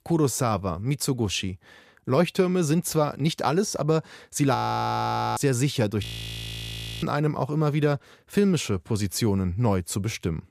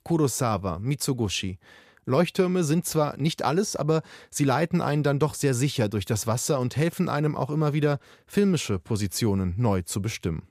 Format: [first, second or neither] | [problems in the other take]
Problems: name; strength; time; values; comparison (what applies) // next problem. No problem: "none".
second | audio freezing; at 4.5 s for 1 s and at 6 s for 1 s